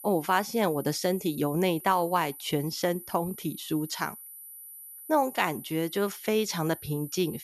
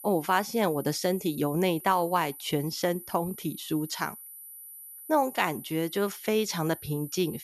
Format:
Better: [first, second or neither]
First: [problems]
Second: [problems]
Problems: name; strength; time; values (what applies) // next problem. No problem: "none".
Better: neither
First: high-pitched whine; noticeable; throughout; 12 kHz, 15 dB below the speech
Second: high-pitched whine; noticeable; throughout; 12 kHz, 15 dB below the speech